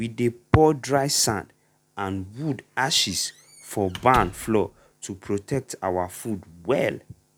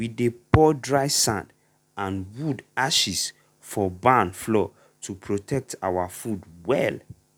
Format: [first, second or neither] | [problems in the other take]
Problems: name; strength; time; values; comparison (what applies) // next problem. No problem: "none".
second | background sound (Squeak / Slam); 15 dB below the speech